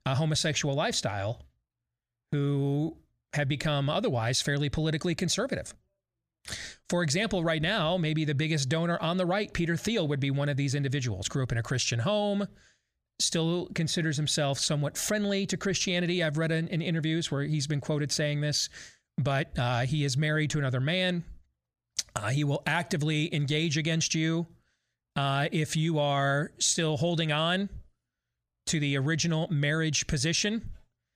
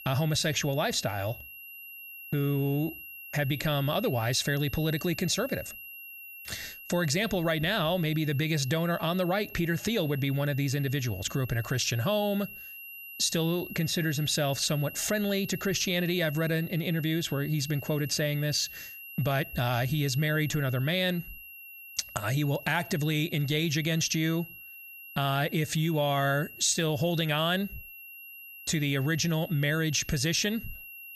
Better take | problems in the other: first | high-pitched whine; noticeable; throughout; 3 kHz, 15 dB below the speech

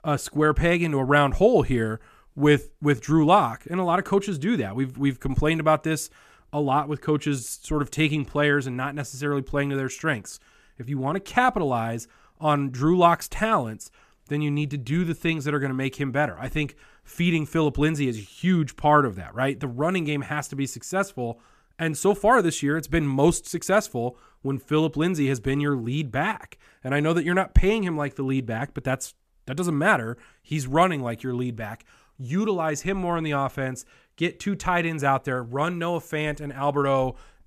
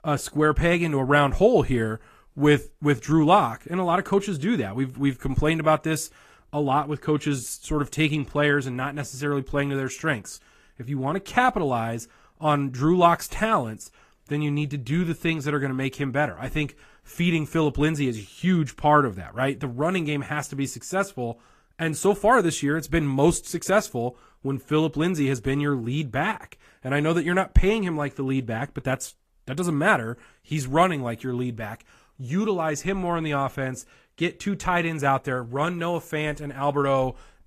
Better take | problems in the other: first | garbled, watery; slightly; nothing above 14.5 kHz

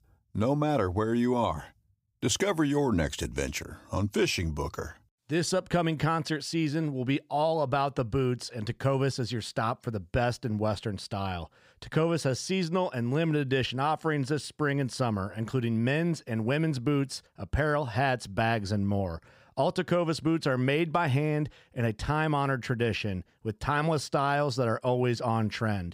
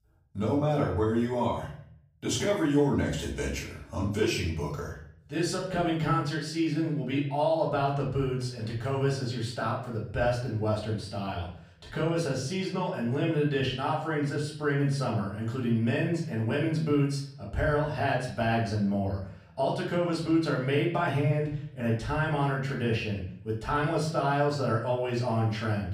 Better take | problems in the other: first | off-mic speech; far // room echo; noticeable; dies away in 0.5 s

